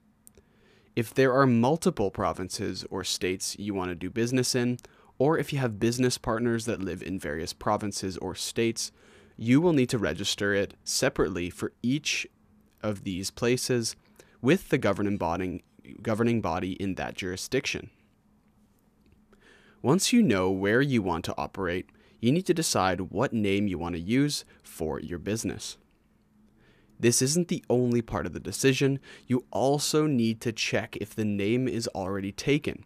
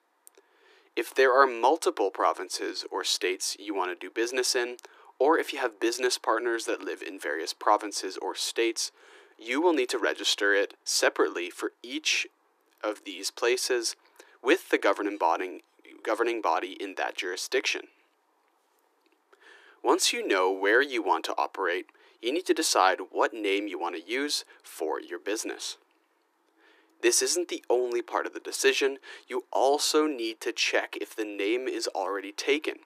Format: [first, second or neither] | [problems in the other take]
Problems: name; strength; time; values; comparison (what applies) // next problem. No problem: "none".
first | thin; very; fading below 300 Hz